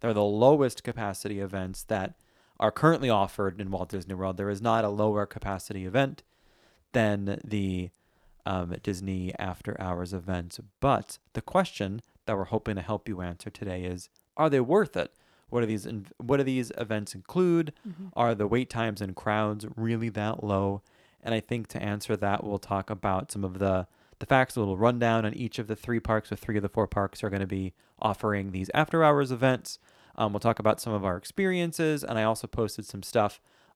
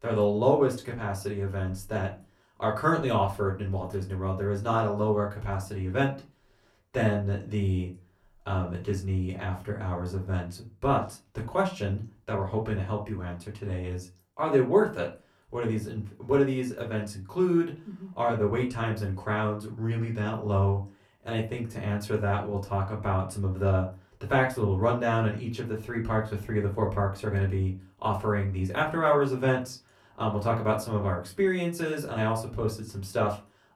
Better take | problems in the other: first | off-mic speech; far // room echo; very slight; dies away in 0.3 s

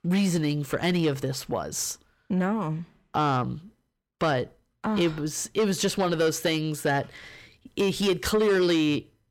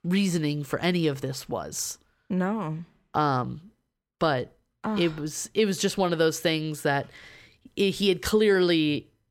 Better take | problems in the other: second | distortion; slight; 10 dB below the speech

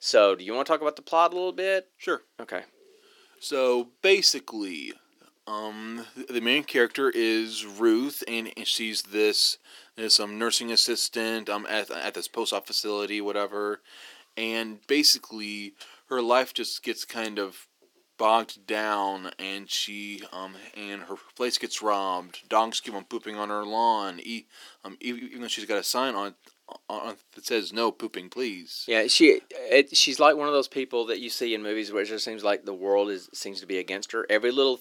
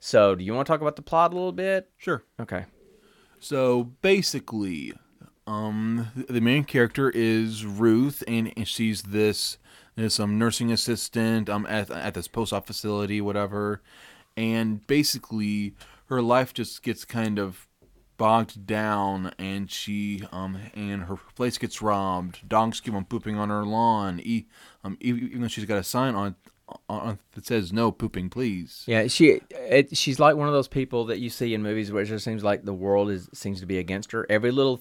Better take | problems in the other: second | thin; somewhat; fading below 300 Hz

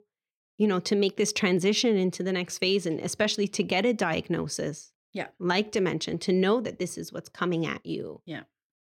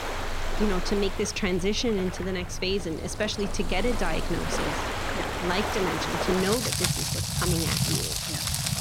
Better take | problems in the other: first | rain or running water; loud; throughout; as loud as the speech

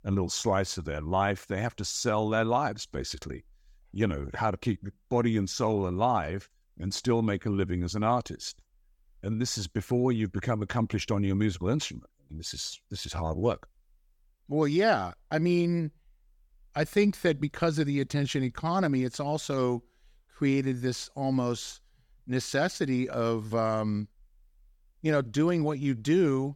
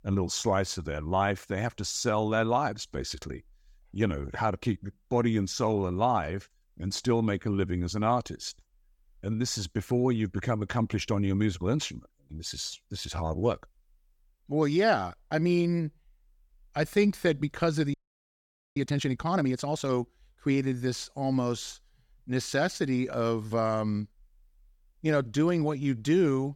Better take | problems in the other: first | audio freezing; at 18 s for 1 s

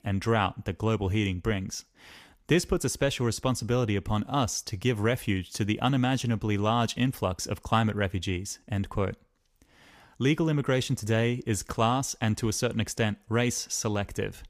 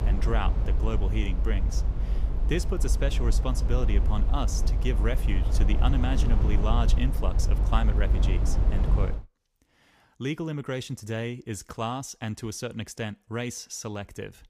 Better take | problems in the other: first | low rumble; loud; until 9 s; 7 dB below the speech

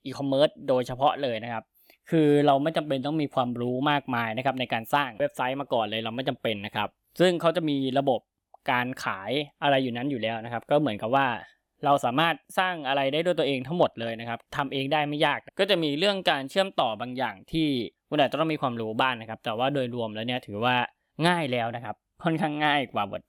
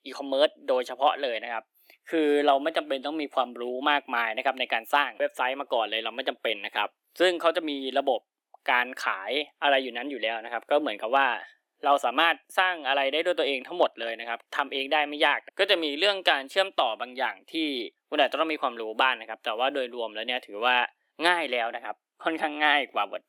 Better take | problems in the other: first | thin; somewhat; fading below 300 Hz

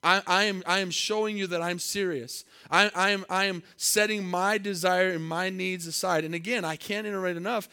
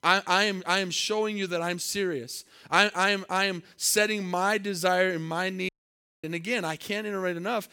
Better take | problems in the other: first | audio cutting out; at 5.5 s for 0.5 s

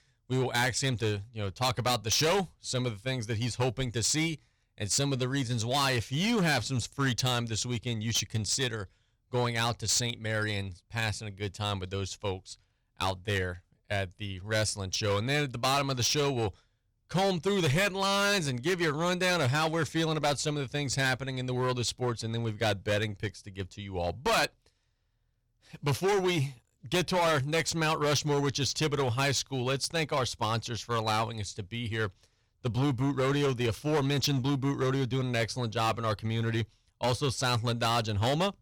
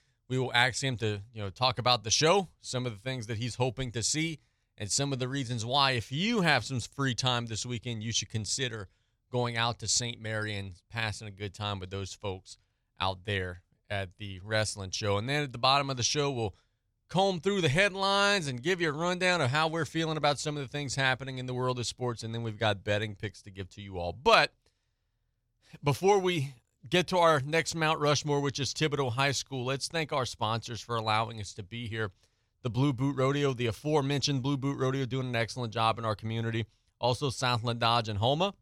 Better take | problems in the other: second | distortion; heavy; 9% of the sound clipped

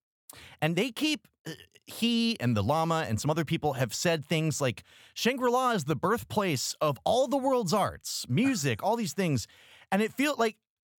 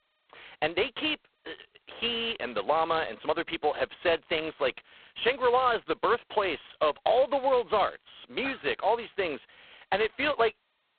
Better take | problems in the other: first | phone-call audio; poor line

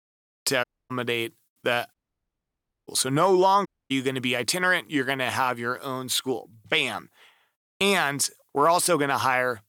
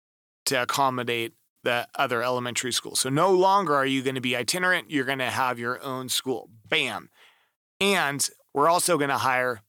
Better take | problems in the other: second | audio cutting out; at 0.5 s, at 2 s for 1 s and at 3.5 s

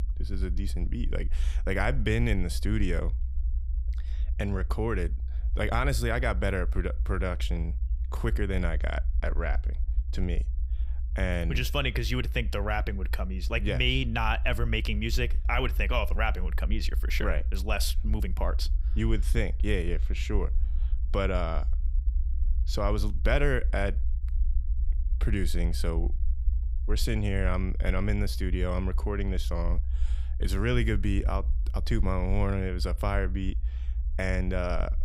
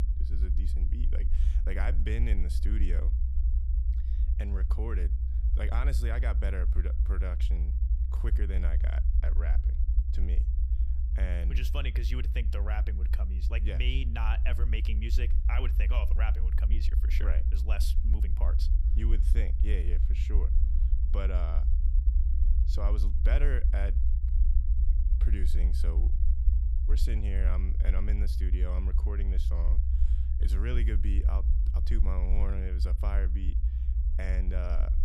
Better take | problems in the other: first | low rumble; loud; throughout; 7 dB below the speech; faint in the first

